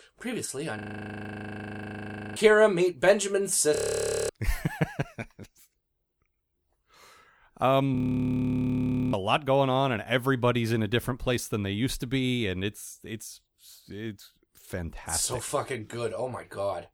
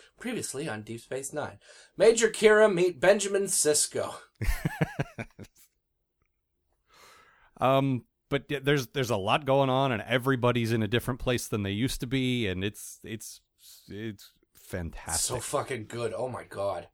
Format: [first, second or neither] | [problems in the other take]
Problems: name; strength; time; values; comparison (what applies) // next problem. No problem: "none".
second | audio freezing; at 1 s for 1.5 s, at 4 s for 0.5 s and at 8 s for 1 s